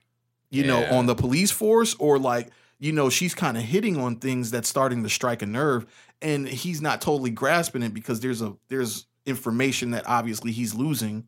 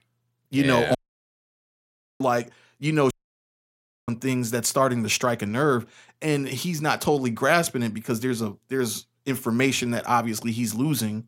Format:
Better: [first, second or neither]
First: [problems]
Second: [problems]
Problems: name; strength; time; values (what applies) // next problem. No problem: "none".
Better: first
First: none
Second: audio cutting out; at 1 s for 1.5 s and at 3 s for 1 s